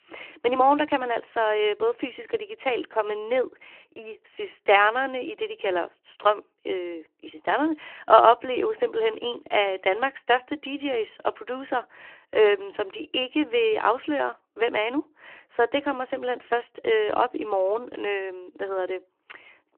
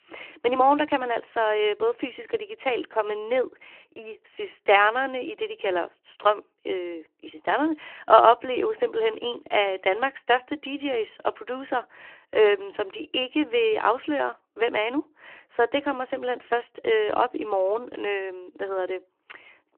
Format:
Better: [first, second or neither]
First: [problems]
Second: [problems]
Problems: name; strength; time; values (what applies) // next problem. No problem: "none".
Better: neither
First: phone-call audio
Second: phone-call audio